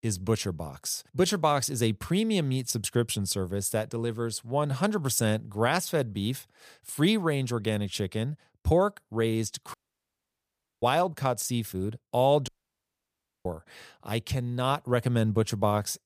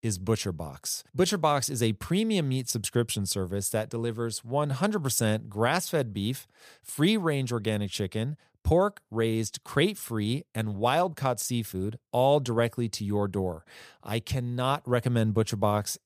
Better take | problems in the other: second | audio cutting out; at 9.5 s for 1 s and at 12 s for 1 s

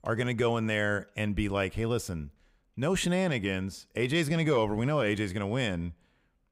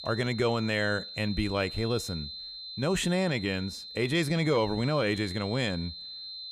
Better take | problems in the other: first | high-pitched whine; loud; throughout; 4 kHz, 10 dB below the speech

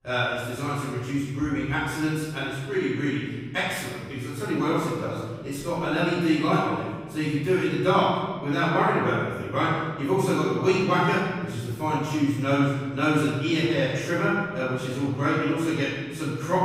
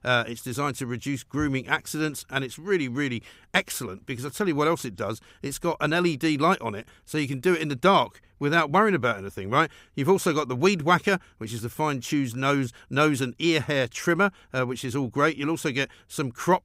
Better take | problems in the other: second | off-mic speech; far // room echo; strong; dies away in 1.5 s

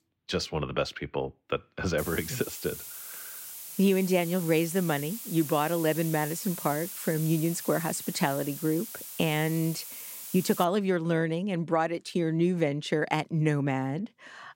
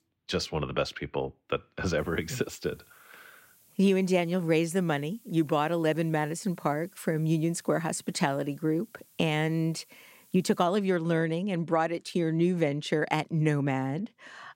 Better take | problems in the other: second | hiss; loud; from 2 to 11 s; 9 dB below the speech; faint in the second

